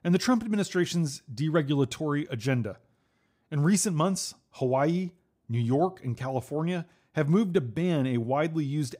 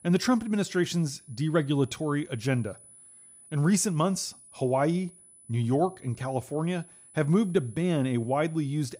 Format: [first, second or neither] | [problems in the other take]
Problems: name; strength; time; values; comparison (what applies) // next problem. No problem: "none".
first | high-pitched whine; faint; throughout; 10 kHz, 25 dB below the speech